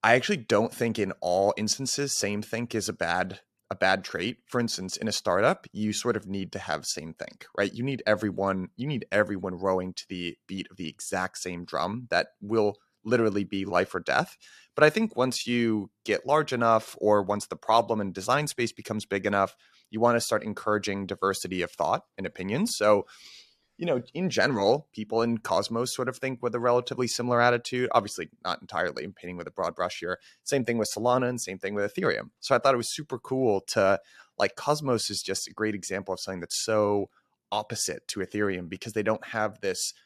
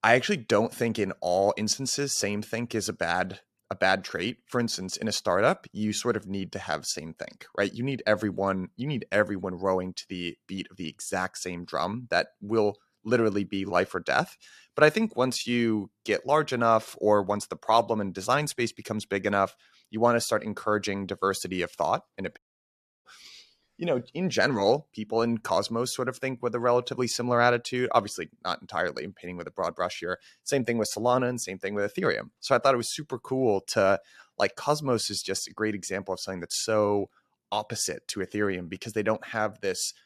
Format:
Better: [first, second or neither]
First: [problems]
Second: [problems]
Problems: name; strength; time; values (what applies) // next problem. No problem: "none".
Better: first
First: none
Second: audio cutting out; at 22 s for 0.5 s